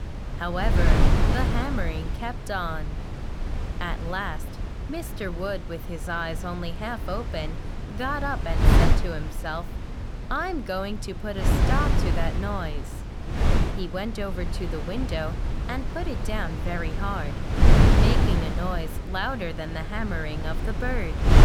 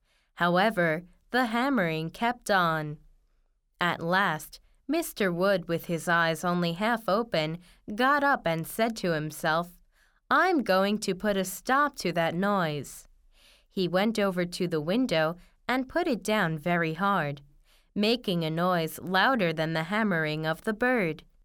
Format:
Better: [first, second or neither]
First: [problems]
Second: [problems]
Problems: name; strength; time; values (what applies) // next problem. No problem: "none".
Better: second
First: wind noise on the microphone; heavy; 3 dB below the speech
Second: none